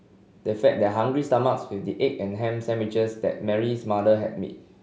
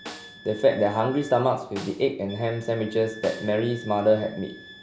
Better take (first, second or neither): first